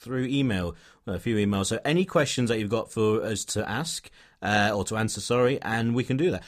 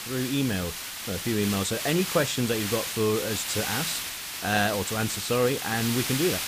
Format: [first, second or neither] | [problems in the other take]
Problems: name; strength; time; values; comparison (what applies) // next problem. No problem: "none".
first | hiss; loud; throughout; 3 dB below the speech